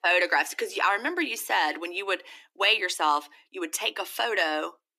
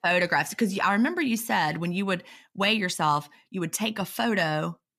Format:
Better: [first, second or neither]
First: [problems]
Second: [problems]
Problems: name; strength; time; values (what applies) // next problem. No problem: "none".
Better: second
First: thin; very; fading below 300 Hz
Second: none